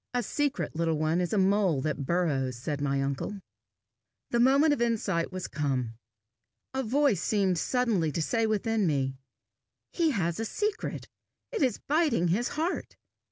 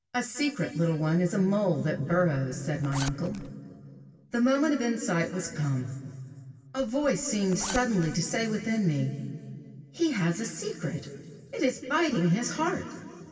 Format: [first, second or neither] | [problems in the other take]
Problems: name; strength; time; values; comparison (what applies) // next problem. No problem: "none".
first | background sound (Zipper (clothing)); 13 dB below the speech // room echo; dies away in 2.4 s